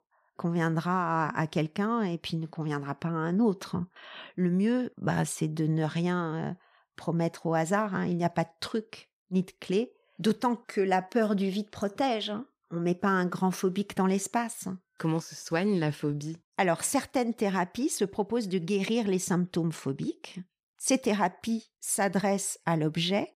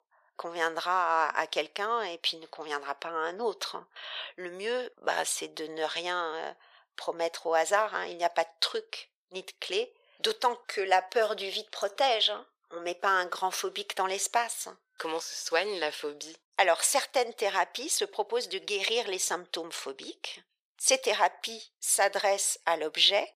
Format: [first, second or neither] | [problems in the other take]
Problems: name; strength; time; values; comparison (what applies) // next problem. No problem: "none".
first | thin; very; fading below 500 Hz